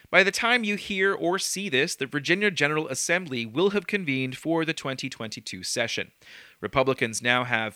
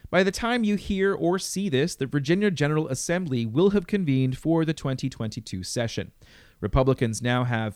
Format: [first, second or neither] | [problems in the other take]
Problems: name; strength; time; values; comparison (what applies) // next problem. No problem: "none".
second | thin; somewhat; fading below 550 Hz